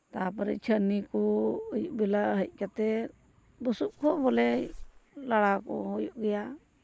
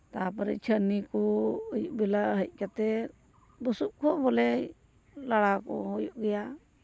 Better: second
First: noise reduction (neural mask model Resemble Enhance denoiser)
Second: none

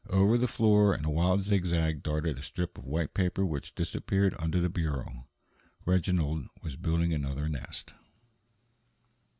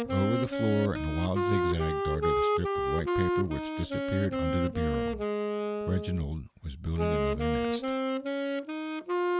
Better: first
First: none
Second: background sound (Wind instrument, woodwind instrument); 2 dB above the speech

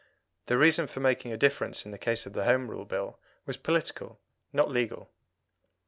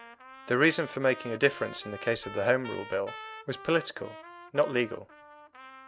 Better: first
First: none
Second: background sound (Trumpet); 15 dB below the speech

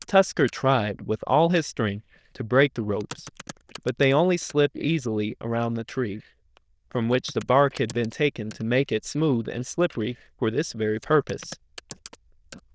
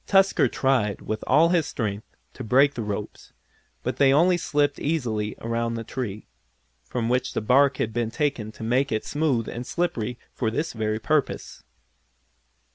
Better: second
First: noise reduction (neural diffusion model UNIVERSE++)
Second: none

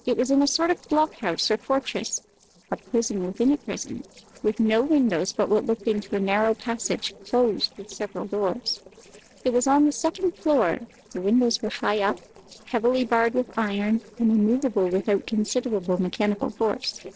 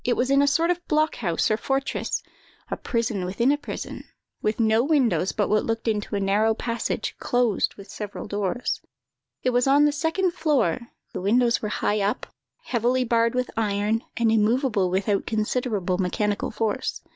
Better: second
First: noise reduction (neural separator model SepFormer DNS4)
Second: none

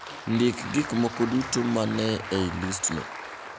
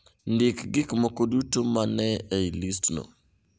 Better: second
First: background sound (Applause); 10 dB below the speech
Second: none

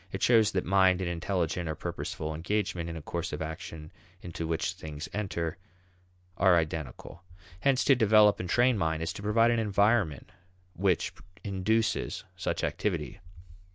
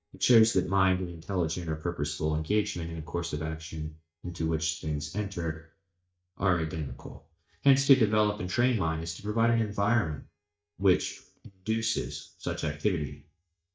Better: first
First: none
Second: noise reduction (neural mask model DeepFilterNet 3)

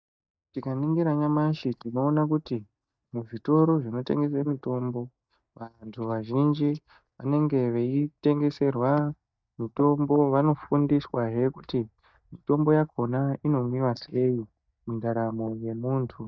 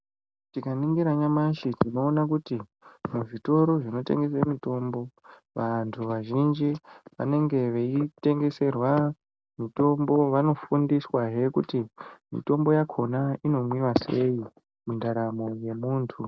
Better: second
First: noise reduction (neural mask model DeepFilterNet 3)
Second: none

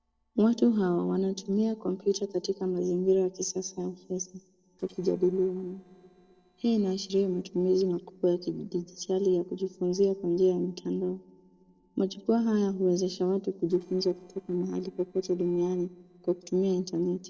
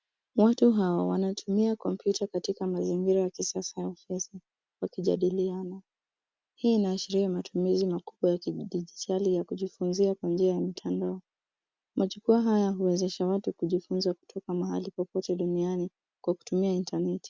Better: second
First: noise reduction (neural separator model SepFormer DNS4)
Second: none

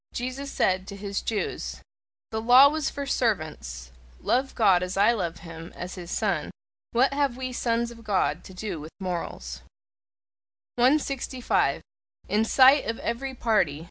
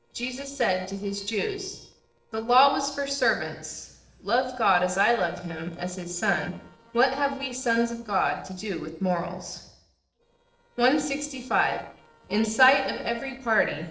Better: first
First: none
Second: noise reduction (neural separator model SepFormer DNS4)

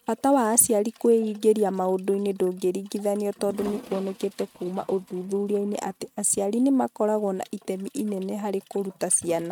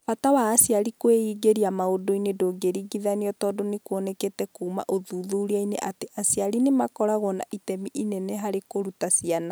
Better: second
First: noise reduction (neural mask model RNNoise)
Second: none

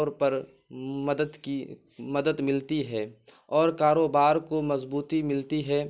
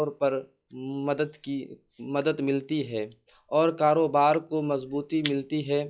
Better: first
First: none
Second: noise reduction (classical method log-MMSE)

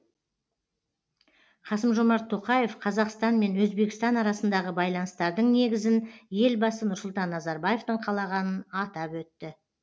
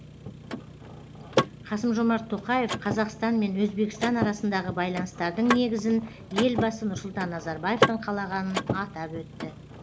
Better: first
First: none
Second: background sound (Mechanisms / Car); 5 dB below the speech

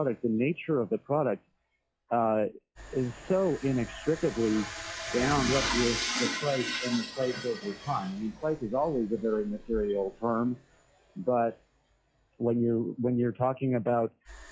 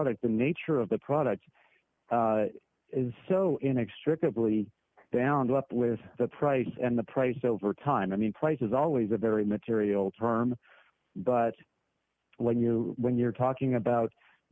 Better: second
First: noise reduction (classical method log-MMSE)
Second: none

